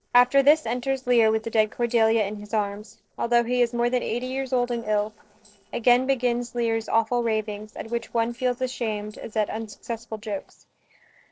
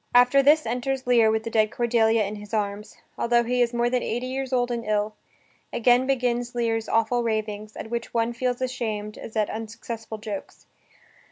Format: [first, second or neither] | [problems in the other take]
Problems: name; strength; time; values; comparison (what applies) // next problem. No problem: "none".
second | noise reduction (neural separator model SepFormer DNS4)